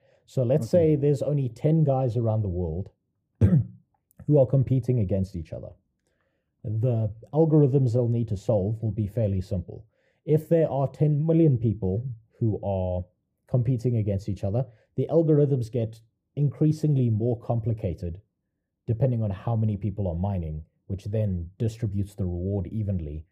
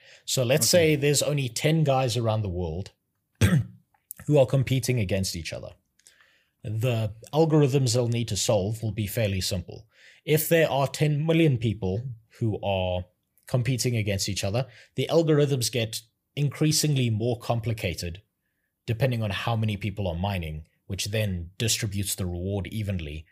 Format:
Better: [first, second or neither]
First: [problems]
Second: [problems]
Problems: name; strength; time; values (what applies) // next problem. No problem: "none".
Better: second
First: muffled; very; fading above 1 kHz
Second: none